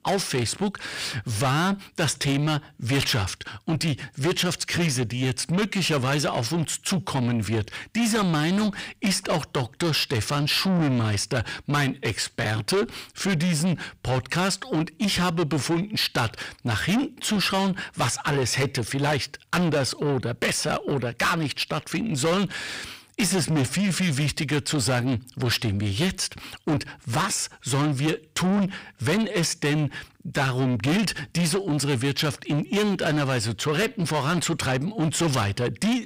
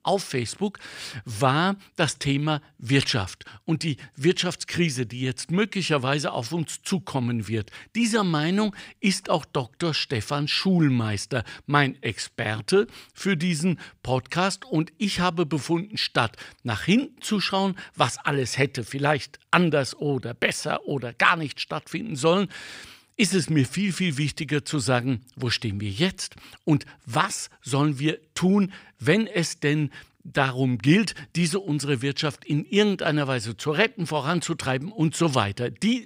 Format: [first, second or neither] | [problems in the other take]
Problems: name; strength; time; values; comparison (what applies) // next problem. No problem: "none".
second | distortion; heavy; 6 dB below the speech